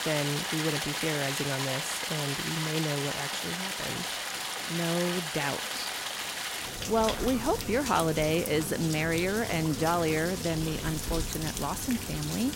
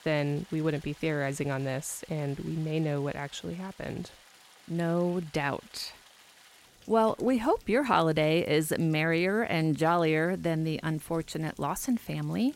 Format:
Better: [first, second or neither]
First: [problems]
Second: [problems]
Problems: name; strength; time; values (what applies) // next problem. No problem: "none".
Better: second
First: rain or running water; loud; throughout; 2 dB below the speech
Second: rain or running water; faint; throughout; 25 dB below the speech